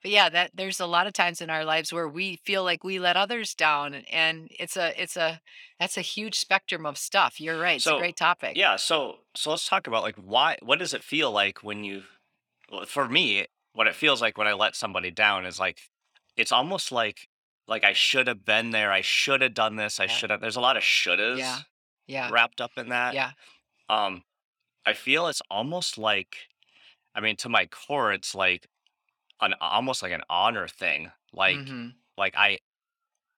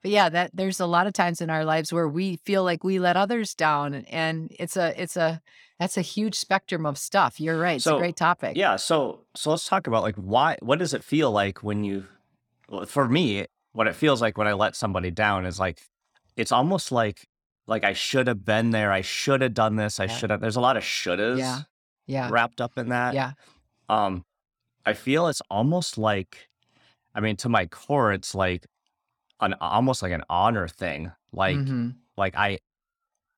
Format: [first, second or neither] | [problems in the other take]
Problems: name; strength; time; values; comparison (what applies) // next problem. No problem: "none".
second | thin; somewhat; fading below 650 Hz